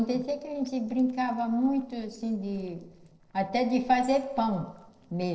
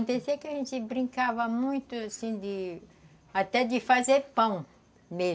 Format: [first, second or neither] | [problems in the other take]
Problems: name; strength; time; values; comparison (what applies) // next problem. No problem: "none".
second | noise reduction (neural separator model SepFormer DNS4)